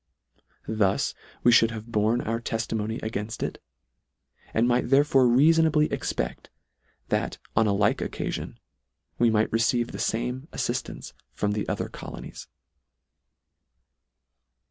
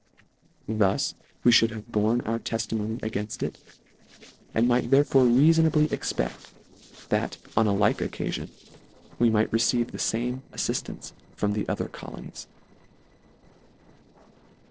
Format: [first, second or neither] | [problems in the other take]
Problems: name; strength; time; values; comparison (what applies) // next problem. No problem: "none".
first | noise reduction (neural separator model SepFormer DNS4)